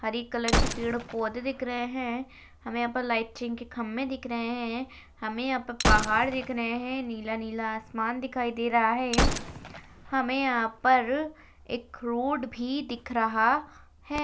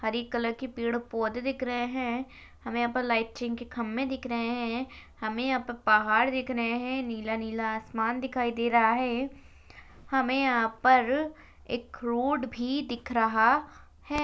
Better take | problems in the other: second | background sound (Gunshot, gunfire); 4 dB below the speech

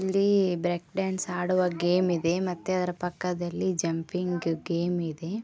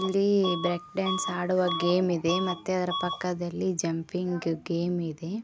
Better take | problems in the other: first | background sound (Bus / Alarm); 10 dB below the speech

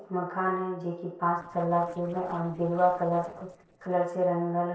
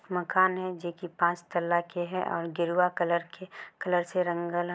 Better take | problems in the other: second | noise reduction (neural separator model SepFormer DNS4)

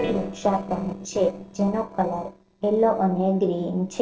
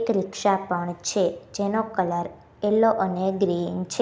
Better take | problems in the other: second | noise reduction (neural separator model SepFormer DNS4)

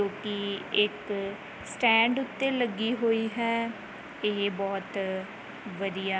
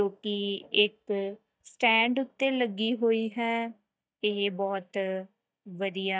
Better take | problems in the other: first | noise reduction (neural mask model DeepFilterNet 3)

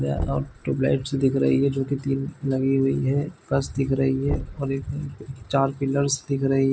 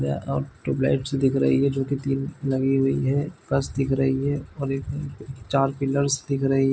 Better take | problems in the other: second | background sound (Knock); 13 dB below the speech

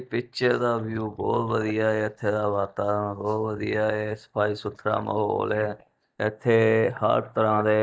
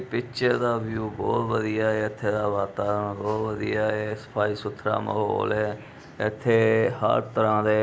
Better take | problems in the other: second | noise reduction (neural mask model DeepFilterNet 3)

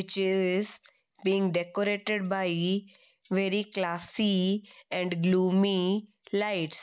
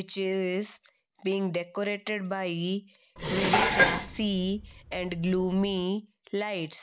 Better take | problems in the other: first | background sound (Dishes, pots, and pans); 1 dB above the speech

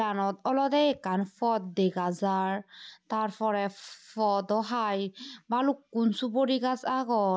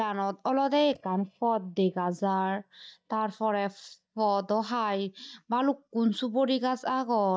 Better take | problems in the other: first | noise reduction (neural mask model DeepFilterNet 3)

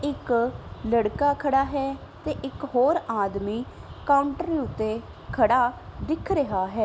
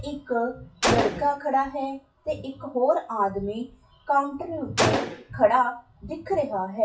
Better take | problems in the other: first | noise reduction (classical method WPE with log-MMSE)

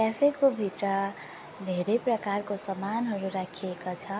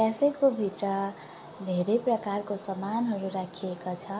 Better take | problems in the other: first | room echo; dies away in 0.3 s

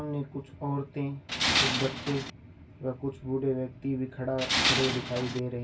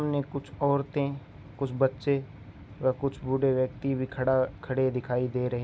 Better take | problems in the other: second | background sound (Tools); 4 dB above the speech // room echo; dies away in 0.1 s

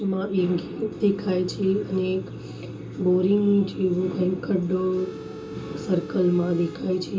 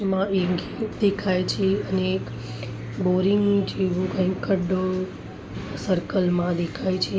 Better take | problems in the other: second | background sound (Telephone); 16 dB below the speech // room echo; dies away in 0.2 s

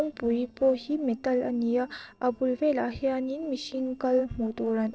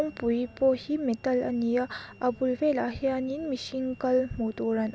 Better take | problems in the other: second | noise reduction (neural separator model SepFormer DNS4)

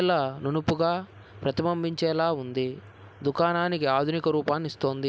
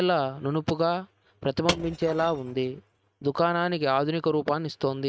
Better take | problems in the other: first | noise reduction (neural mask model RNNoise)

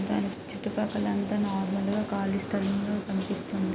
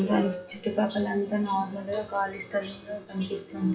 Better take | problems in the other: first | noise reduction (classical method WPE with log-MMSE)

